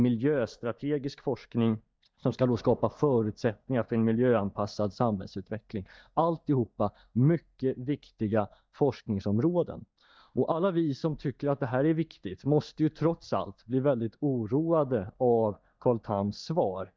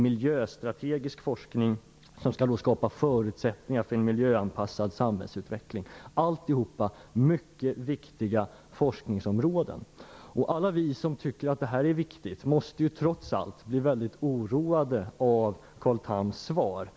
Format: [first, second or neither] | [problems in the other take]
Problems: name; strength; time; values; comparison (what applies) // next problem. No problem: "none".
second | noise reduction (neural mask model DeepFilterNet 3)